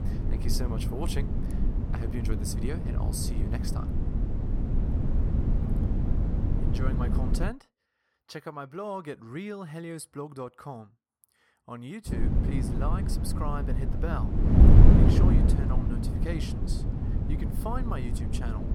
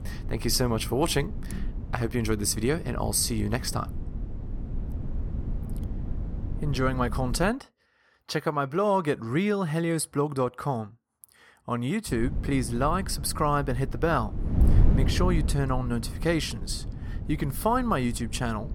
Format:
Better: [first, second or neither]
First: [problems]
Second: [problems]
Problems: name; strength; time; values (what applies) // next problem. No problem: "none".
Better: second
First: wind noise on the microphone; heavy; until 7.5 s and from 12 s on; 1 dB above the speech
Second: wind noise on the microphone; occasional gusts; until 7.5 s and from 12 s on; 15 dB below the speech